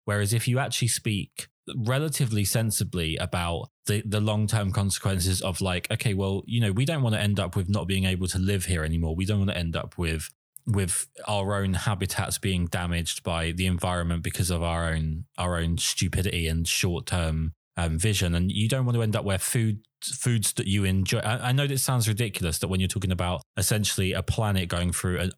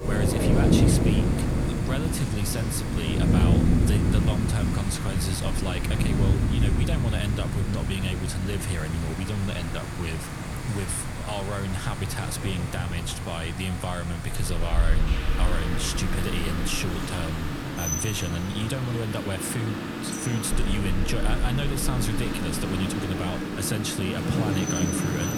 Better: first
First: none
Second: rain or running water; very loud; throughout; 3 dB above the speech

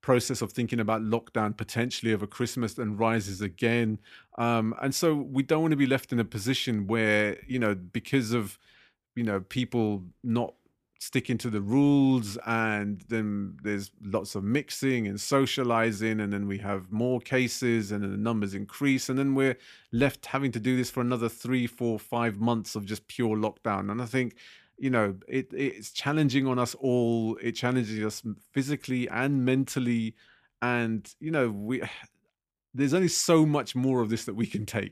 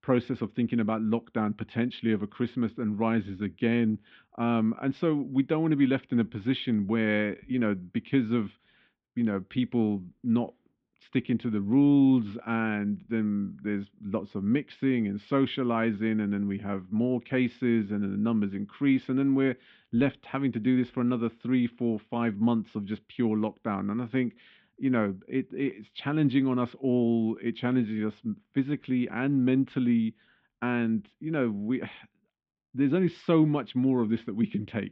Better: first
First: none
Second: muffled; very; fading above 3.5 kHz

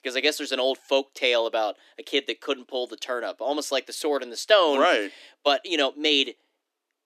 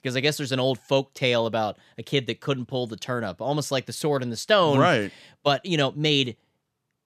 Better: second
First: thin; somewhat; fading below 300 Hz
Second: none

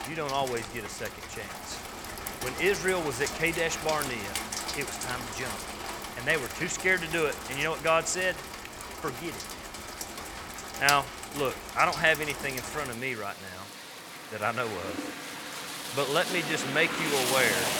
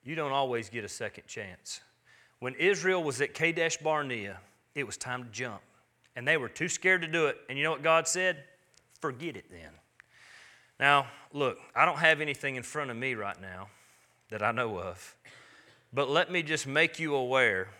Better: second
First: rain or running water; loud; throughout; 6 dB below the speech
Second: none

